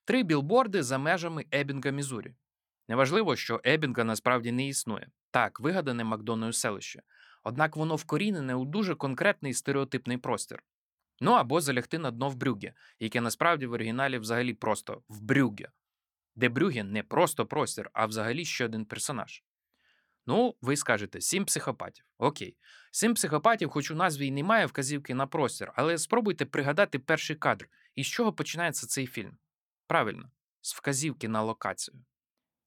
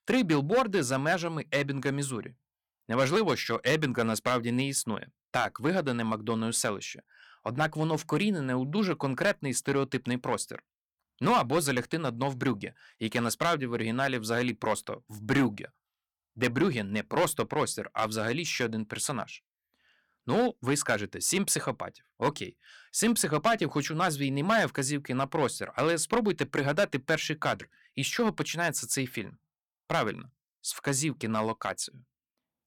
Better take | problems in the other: first | distortion; slight; 3% of the sound clipped

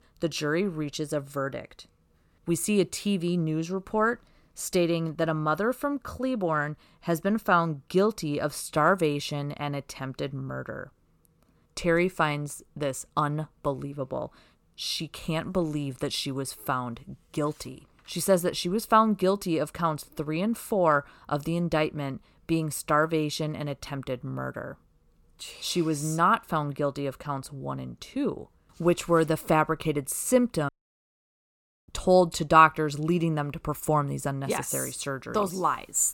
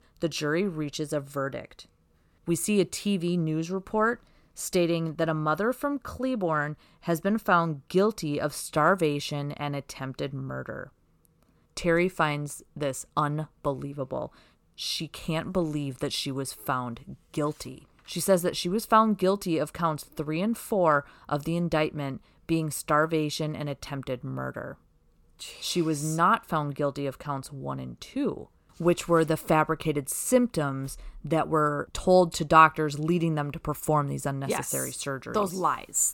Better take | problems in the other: second | audio cutting out; at 31 s for 1 s

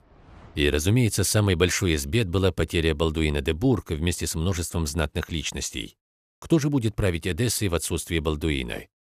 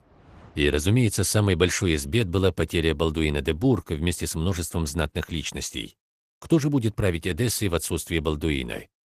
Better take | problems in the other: first | garbled, watery; slightly; nothing above 12 kHz

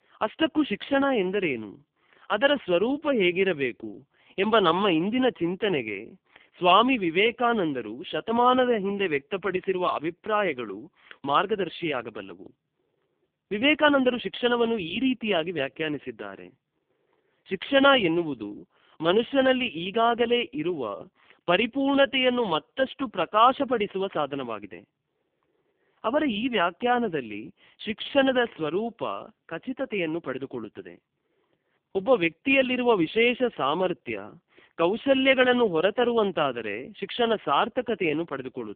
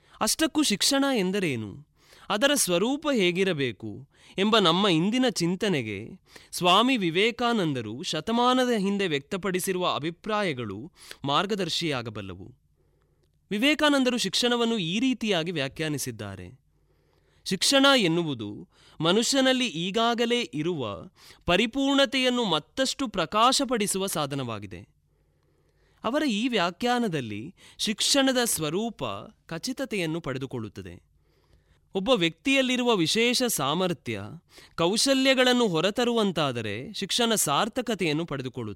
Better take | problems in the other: second | phone-call audio; poor line; nothing above 3.5 kHz

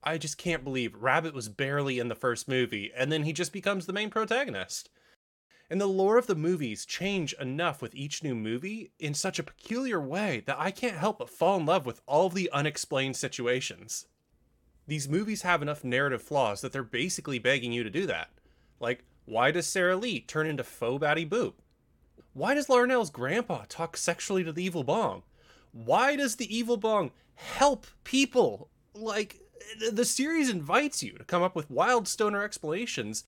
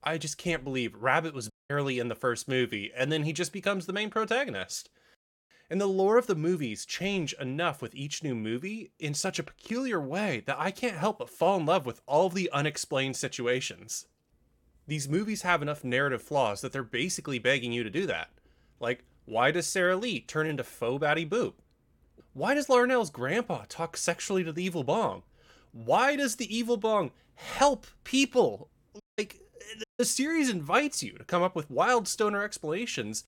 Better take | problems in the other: first | audio cutting out; at 1.5 s, at 29 s and at 30 s

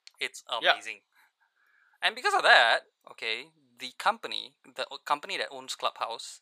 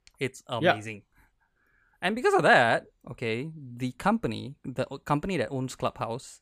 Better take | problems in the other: second | thin; very; fading below 900 Hz

